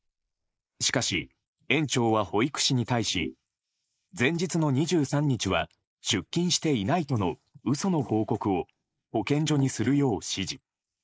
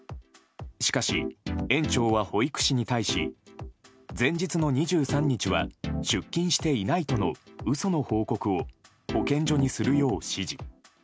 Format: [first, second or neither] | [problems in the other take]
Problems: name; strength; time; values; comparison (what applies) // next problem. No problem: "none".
second | noise reduction (neural mask model Resemble Enhance denoiser)